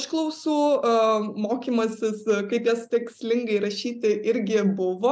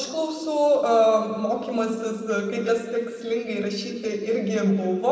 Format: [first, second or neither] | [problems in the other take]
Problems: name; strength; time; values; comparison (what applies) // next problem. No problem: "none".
first | room echo; dies away in 2 s